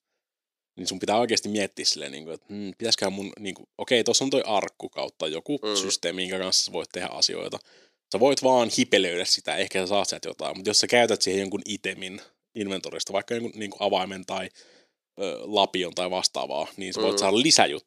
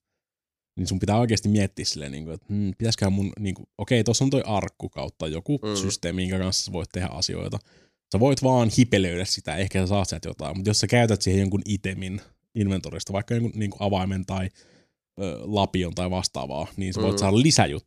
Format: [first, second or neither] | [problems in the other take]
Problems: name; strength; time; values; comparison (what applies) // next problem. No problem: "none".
second | thin; somewhat; fading below 400 Hz